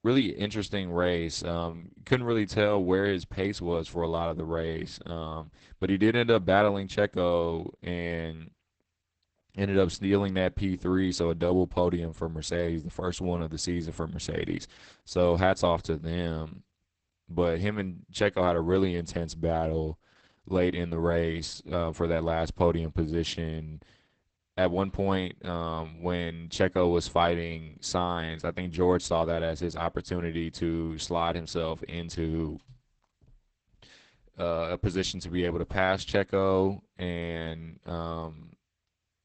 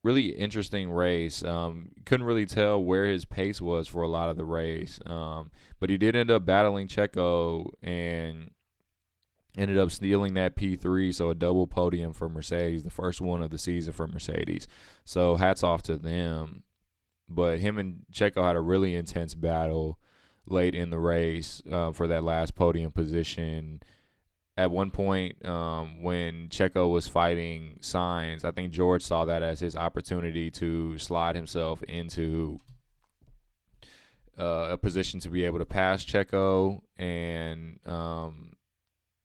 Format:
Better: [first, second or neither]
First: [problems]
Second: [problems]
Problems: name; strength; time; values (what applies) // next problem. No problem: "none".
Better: second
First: garbled, watery; badly; nothing above 8 kHz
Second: garbled, watery; slightly